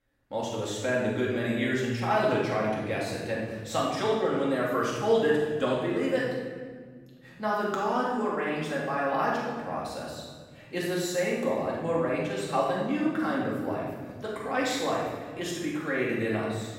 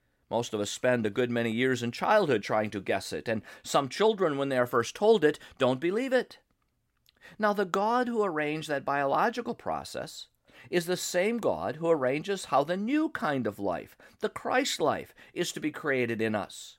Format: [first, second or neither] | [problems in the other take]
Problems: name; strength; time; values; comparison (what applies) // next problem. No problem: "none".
second | off-mic speech; far // room echo; strong; dies away in 1.9 s